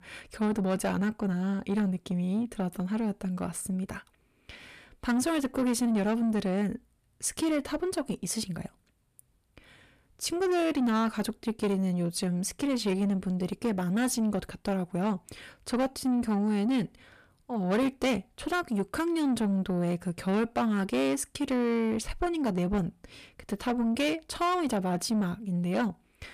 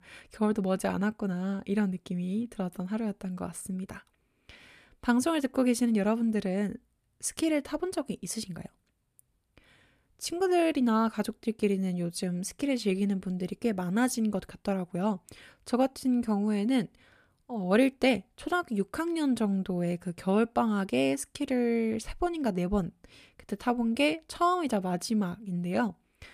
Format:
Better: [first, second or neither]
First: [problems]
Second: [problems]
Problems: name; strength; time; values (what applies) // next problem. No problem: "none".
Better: second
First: distortion; slight; 10 dB below the speech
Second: none